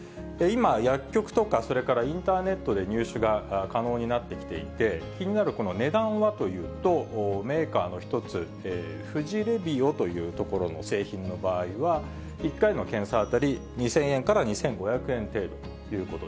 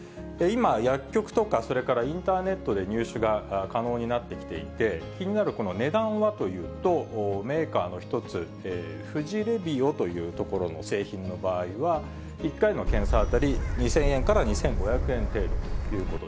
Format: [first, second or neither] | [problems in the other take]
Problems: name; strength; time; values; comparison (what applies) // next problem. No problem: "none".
first | background sound (Gull, seagull / Wind); 1 dB above the speech